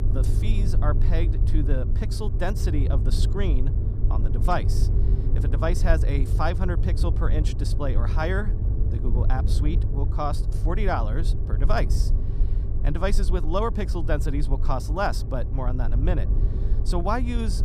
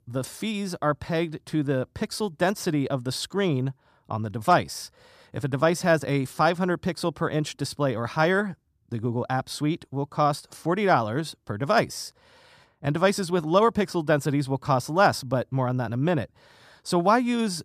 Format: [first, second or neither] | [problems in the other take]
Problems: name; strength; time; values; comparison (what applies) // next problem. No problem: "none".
second | low rumble; noticeable; throughout; 10 dB below the speech